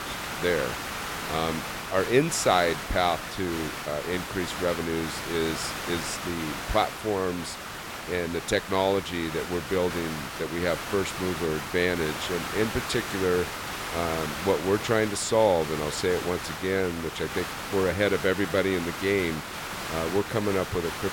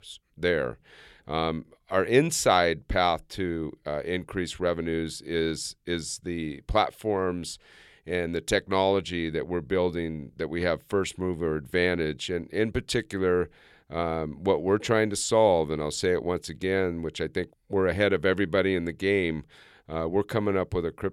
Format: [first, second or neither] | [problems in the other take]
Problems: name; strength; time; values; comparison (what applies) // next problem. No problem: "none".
second | hiss; loud; throughout; 6 dB below the speech